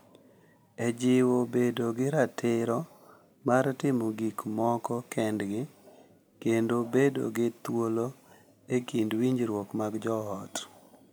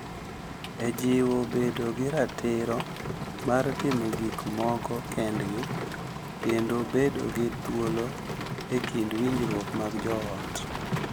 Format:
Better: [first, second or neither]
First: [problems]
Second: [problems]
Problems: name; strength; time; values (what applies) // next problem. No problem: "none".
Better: first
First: none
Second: background sound (Rain); 5 dB below the speech